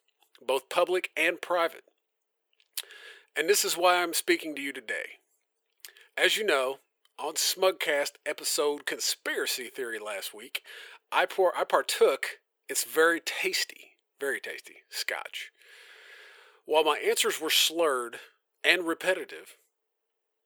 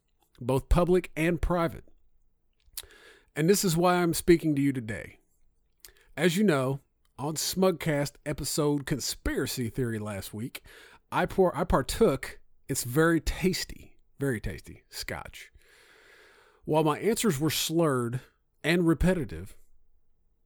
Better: second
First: thin; very; fading below 450 Hz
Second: none

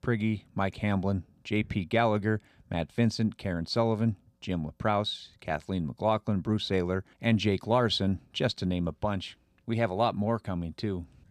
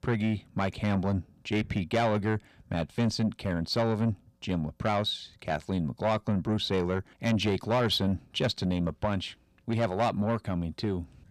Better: first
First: none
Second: distortion; slight; 10 dB below the speech

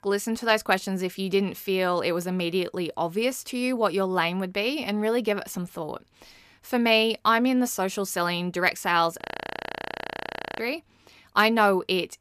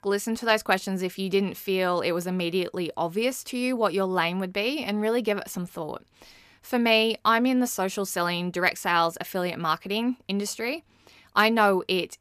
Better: second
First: audio freezing; at 9 s for 1.5 s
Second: none

